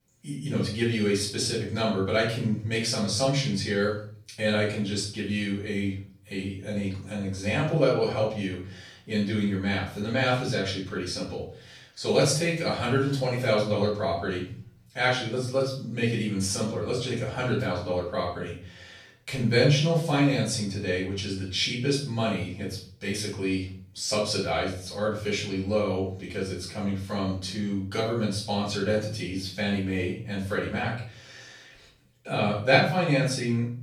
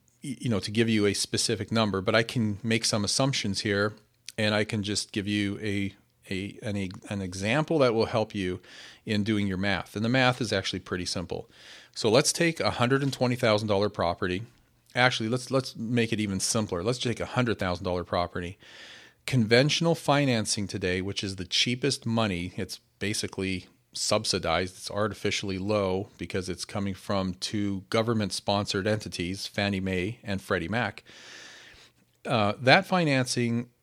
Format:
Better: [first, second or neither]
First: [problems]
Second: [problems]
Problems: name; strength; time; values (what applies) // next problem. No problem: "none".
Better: second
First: off-mic speech; far // room echo; noticeable; dies away in 0.5 s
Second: none